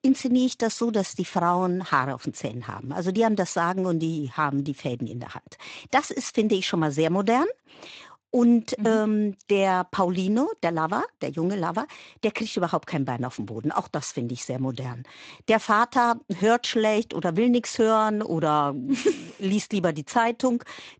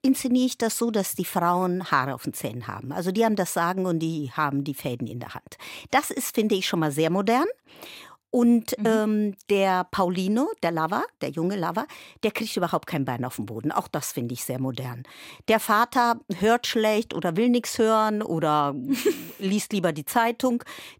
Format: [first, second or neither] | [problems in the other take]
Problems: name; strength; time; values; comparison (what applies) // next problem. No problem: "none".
second | garbled, watery; slightly; nothing above 7.5 kHz